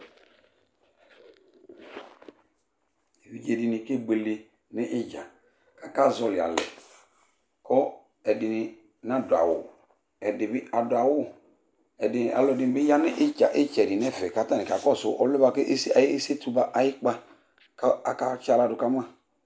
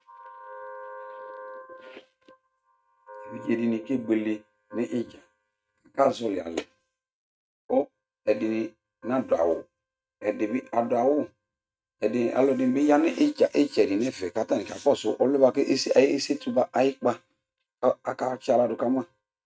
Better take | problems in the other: first | noise reduction (neural mask model RNNoise)

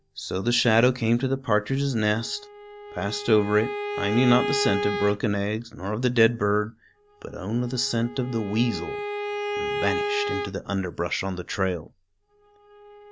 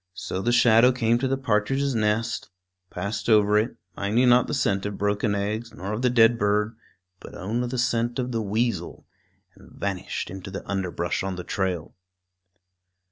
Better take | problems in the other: second | background sound (Bowed string instrument); 8 dB below the speech

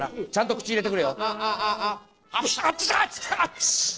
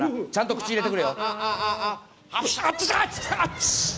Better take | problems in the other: second | noise reduction (neural separator model SepFormer DNS4)

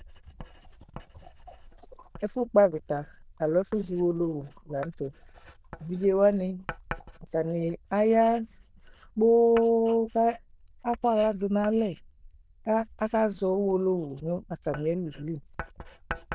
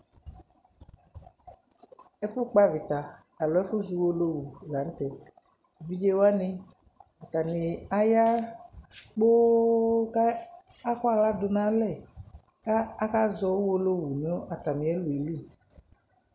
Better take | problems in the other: second | noise reduction (neural diffusion model UNIVERSE++)

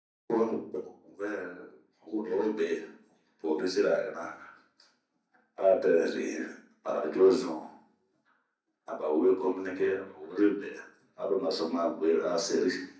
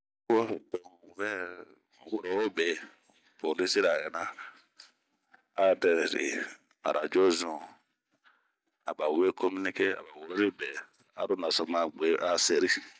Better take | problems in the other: second | room echo; dies away in 0.6 s

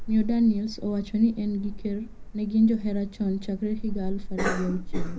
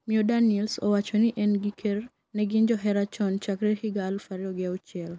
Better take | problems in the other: second | background sound (Cough); 5 dB below the speech // room echo; dies away in 0.4 s

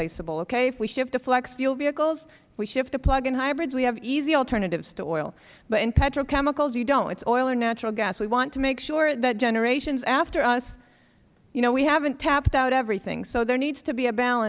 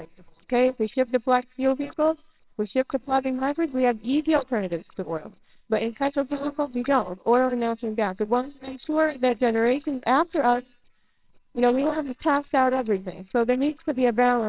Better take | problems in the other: first | noise reduction (neural separator model SepFormer WHAMR!)

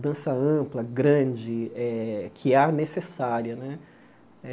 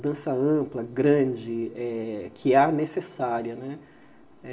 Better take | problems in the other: first | room echo; dies away in 0.9 s

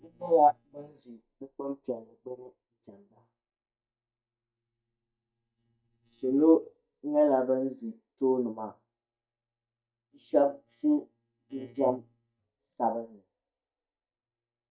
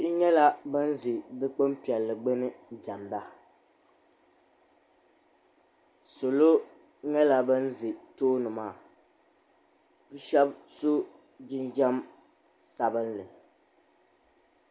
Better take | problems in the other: second | noise reduction (neural mask model DeepFilterNet 3)

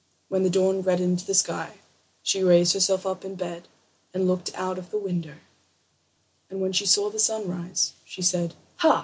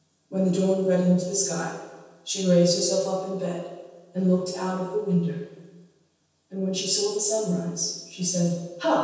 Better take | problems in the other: first | room echo; dies away in 1.2 s

